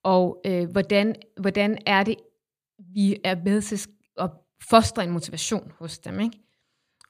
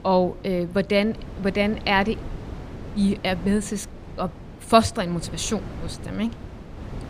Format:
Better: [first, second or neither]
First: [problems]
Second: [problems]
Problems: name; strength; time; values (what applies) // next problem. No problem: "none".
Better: first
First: none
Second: wind noise on the microphone; occasional gusts; 20 dB below the speech